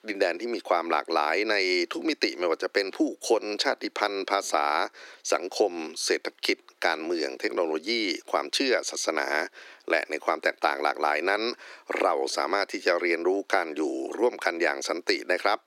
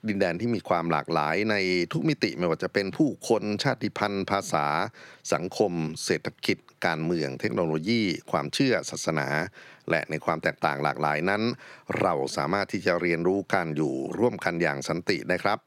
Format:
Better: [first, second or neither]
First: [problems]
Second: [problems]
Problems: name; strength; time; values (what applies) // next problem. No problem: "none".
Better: second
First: thin; somewhat; fading below 300 Hz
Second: none